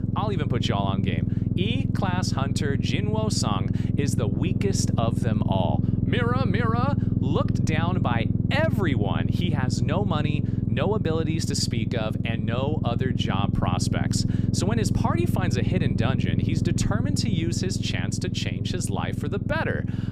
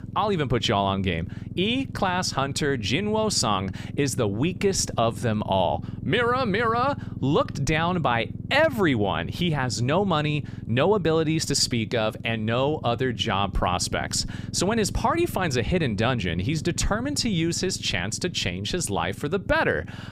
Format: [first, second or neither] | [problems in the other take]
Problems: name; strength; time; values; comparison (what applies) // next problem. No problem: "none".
second | low rumble; loud; throughout; 5 dB below the speech; faint in the second